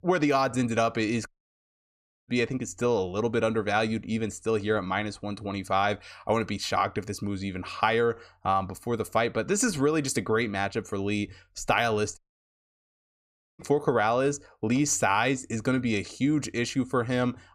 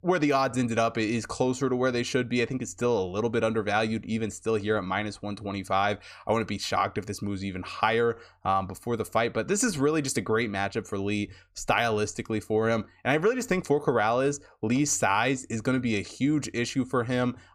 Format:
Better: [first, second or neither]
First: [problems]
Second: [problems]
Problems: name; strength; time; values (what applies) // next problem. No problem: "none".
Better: second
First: audio cutting out; at 1.5 s for 1 s and at 12 s for 1.5 s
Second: none